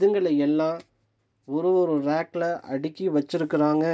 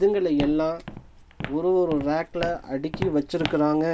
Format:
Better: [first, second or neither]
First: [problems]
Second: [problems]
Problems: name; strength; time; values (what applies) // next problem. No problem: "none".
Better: first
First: none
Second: background sound (Walk, footsteps); 12 dB below the speech